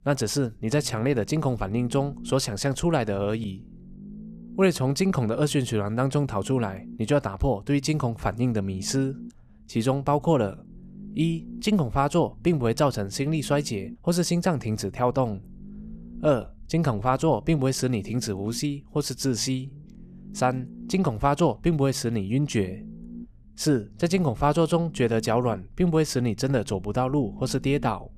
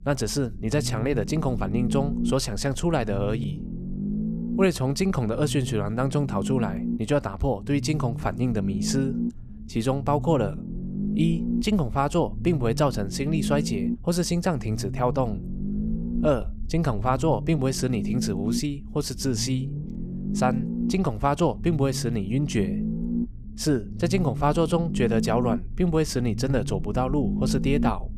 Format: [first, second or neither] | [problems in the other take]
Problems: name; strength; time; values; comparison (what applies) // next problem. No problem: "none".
first | low rumble; loud; throughout; 10 dB below the speech; faint in the first